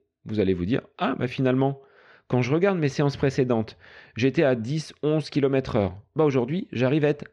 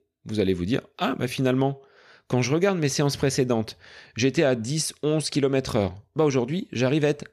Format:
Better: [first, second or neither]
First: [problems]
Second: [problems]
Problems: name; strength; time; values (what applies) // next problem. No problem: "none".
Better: second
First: muffled; slightly; fading above 3 kHz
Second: none